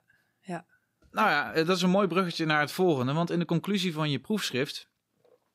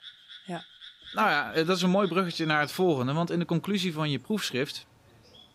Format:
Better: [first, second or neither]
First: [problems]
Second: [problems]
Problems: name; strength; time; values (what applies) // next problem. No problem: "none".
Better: first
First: none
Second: animal sounds; noticeable; throughout; 20 dB below the speech